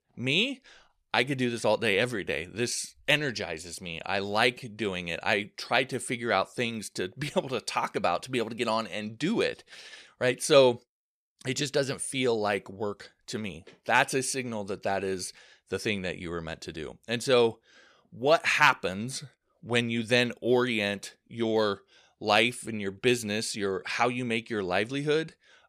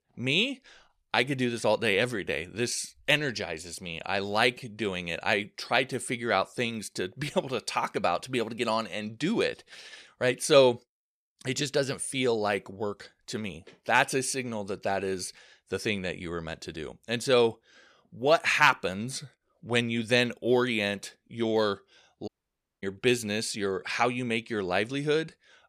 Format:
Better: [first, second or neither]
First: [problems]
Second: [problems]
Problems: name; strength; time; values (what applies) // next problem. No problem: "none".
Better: first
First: none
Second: audio cutting out; at 22 s for 0.5 s